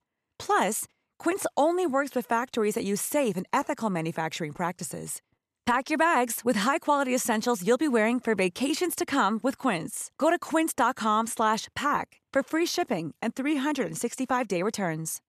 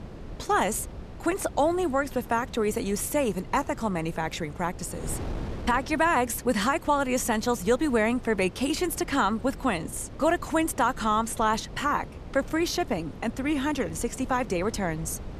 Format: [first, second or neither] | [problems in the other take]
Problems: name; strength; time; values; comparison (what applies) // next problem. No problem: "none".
first | wind noise on the microphone; occasional gusts; 20 dB below the speech